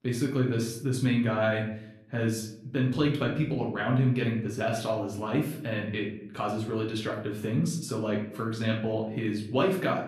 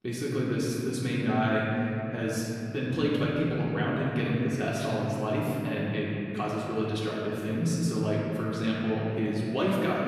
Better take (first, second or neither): first